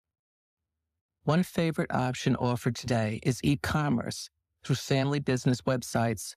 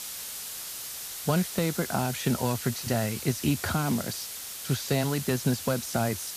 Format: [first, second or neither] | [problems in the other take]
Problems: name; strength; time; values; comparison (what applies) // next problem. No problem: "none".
first | hiss; loud; throughout; 6 dB below the speech